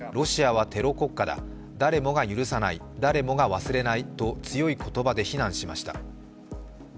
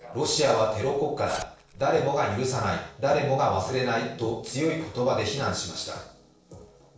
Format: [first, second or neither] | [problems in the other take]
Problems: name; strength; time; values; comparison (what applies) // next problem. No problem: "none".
first | noise reduction (neural separator model SepFormer DNS4)